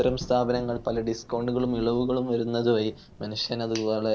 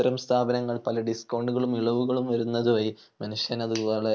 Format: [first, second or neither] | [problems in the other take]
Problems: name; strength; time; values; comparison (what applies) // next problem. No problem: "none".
second | background sound (Thunder / Rain); 18 dB below the speech